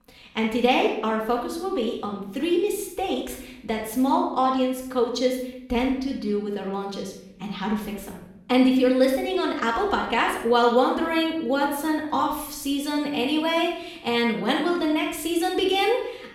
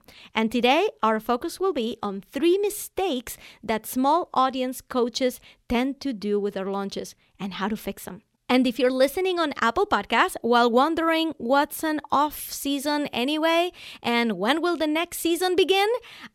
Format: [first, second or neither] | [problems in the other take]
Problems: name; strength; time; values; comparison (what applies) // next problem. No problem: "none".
second | room echo; noticeable; dies away in 0.7 s // off-mic speech; far